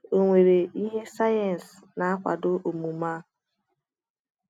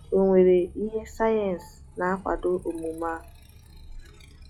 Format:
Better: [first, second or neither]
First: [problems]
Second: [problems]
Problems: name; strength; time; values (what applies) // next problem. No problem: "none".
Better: first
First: none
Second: noise reduction (classical method log-MMSE)